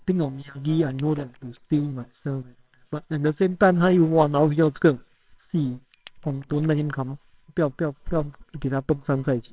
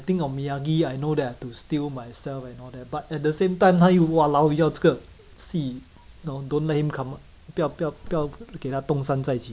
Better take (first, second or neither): second